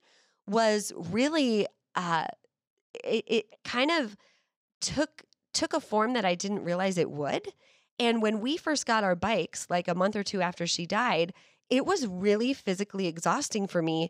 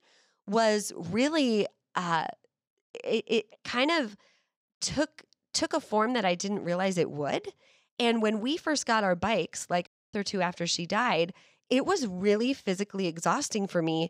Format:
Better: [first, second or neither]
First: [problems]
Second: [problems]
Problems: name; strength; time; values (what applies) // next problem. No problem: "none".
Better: first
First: none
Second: audio cutting out; at 10 s